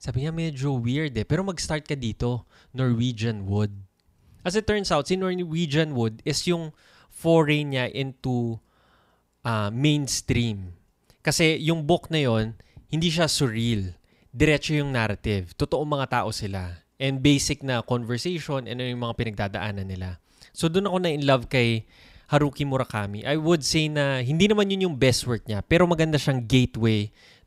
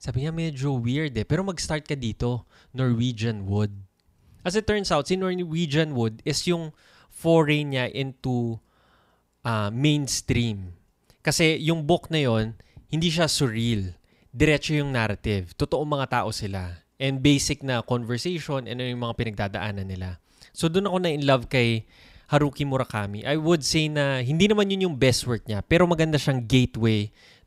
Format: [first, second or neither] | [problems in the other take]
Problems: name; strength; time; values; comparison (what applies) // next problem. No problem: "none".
neither | none